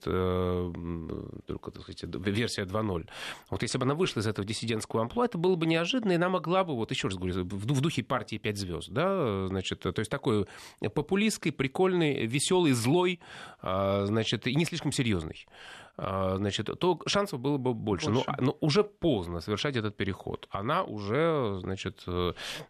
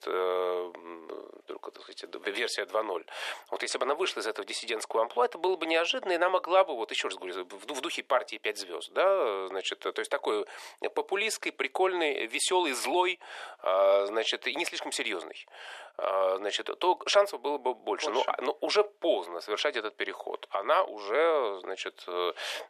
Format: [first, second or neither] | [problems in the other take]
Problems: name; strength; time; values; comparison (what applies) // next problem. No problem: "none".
first | thin; very; fading below 400 Hz